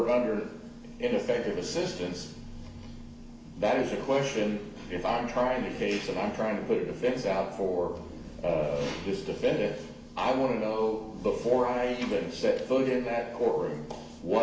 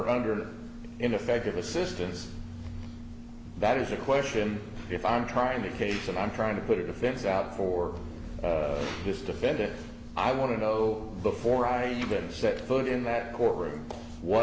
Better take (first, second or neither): second